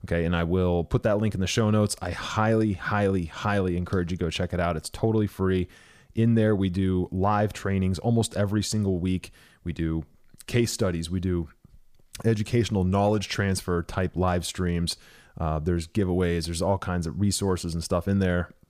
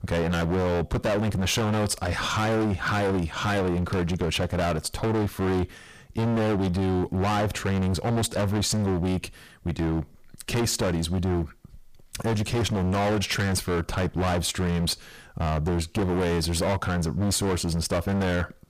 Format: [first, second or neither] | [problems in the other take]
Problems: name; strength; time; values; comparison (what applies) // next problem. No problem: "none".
first | distortion; heavy; 30% of the sound clipped